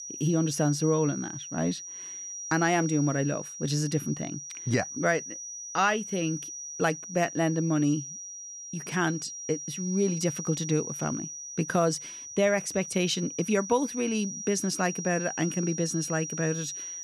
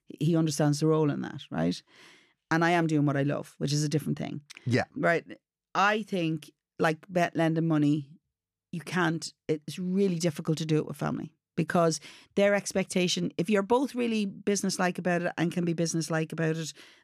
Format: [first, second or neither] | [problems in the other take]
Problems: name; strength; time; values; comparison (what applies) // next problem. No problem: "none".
second | high-pitched whine; loud; throughout; 5.5 kHz, 8 dB below the speech